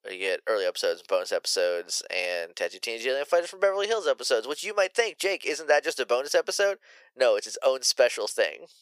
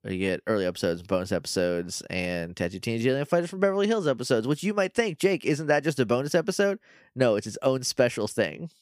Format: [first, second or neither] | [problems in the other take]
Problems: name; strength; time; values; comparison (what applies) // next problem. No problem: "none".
second | thin; very; fading below 500 Hz